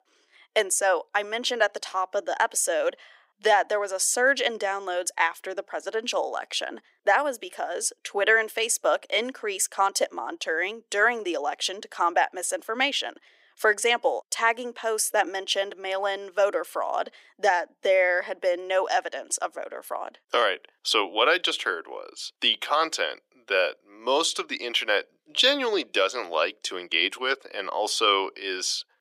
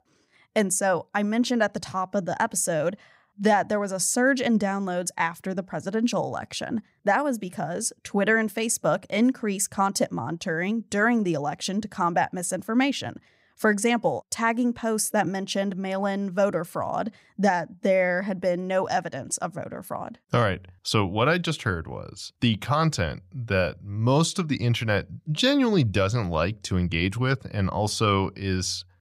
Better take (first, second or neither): second